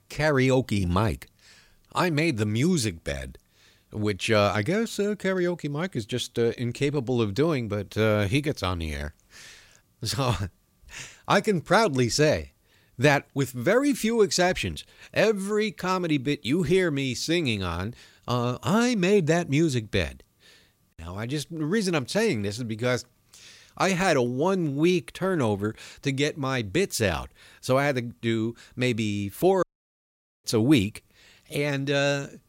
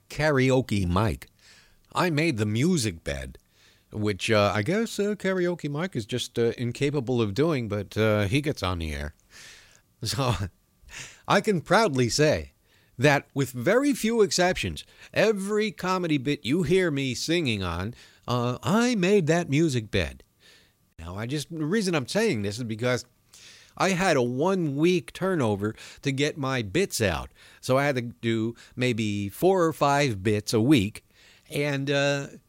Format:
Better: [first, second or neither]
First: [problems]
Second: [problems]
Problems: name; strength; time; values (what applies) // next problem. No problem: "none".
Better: second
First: audio cutting out; at 30 s for 1 s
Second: none